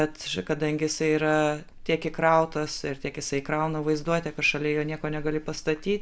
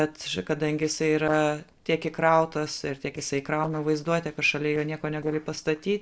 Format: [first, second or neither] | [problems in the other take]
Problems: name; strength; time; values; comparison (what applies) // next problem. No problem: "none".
first | noise reduction (neural separator model SepFormer DNS4)